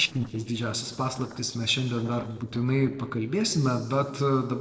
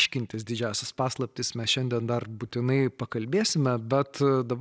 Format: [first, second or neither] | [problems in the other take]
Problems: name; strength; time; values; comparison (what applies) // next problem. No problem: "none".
second | noise reduction (neural separator model SepFormer DNS4)